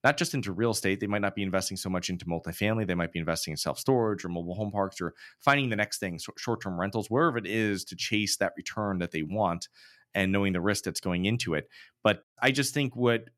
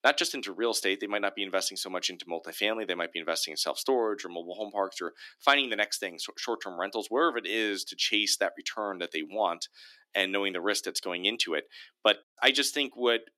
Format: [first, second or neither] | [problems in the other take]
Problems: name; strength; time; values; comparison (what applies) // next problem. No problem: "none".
first | thin; somewhat; fading below 300 Hz